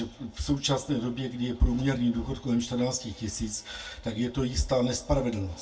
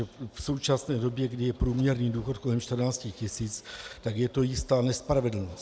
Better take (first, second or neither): second